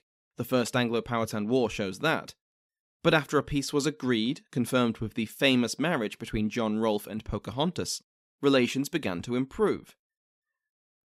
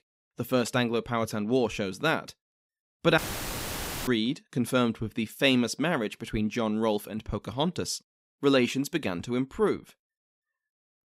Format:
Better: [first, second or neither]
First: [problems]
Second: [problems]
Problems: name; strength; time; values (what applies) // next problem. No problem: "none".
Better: first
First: none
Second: audio cutting out; filled with static; at 3 s for 1 s